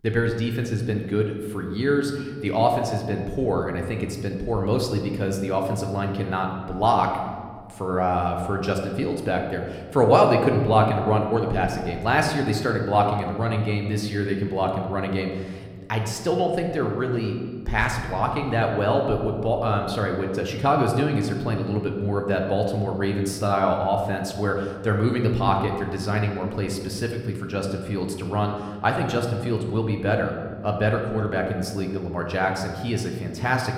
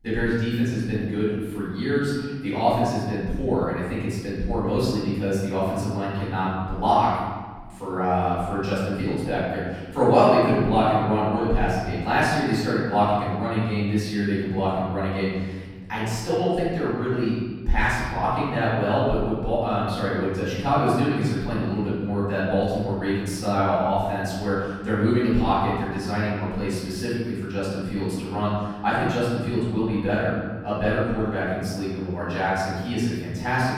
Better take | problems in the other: first | room echo; strong; dies away in 1.4 s; slight in the first // off-mic speech; far

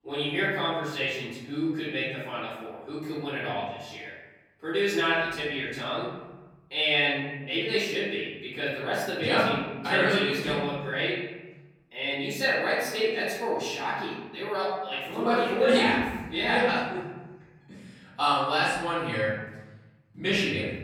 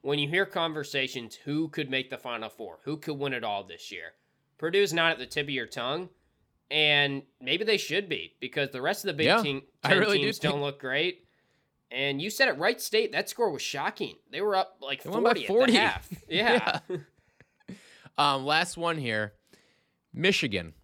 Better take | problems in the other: second | room echo; noticeable; dies away in 1.1 s // off-mic speech; far

